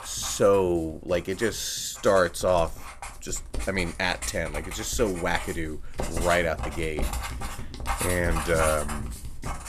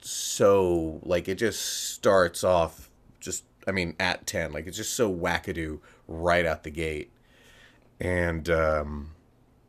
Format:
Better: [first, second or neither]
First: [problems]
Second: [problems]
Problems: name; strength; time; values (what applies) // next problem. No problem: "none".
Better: second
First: household noises; loud; throughout; 8 dB below the speech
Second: none